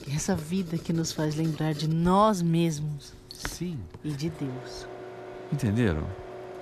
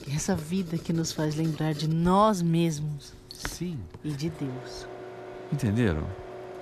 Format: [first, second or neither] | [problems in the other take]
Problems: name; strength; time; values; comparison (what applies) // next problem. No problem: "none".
neither | household noises; noticeable; throughout; 15 dB below the speech; the same in both